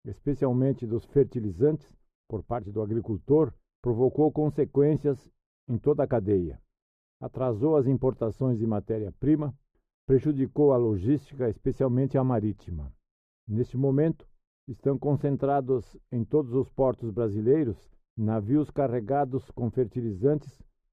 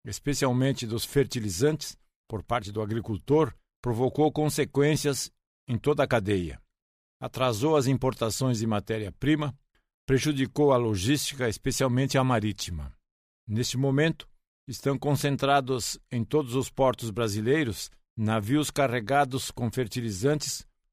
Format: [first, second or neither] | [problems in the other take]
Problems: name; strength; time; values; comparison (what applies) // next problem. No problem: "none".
second | muffled; very; fading above 1.5 kHz